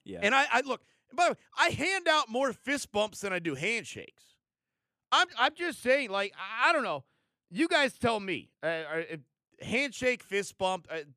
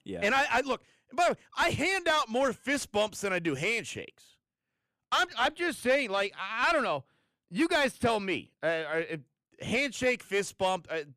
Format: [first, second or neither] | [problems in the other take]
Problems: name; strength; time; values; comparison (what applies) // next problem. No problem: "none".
first | distortion; slight; 10 dB below the speech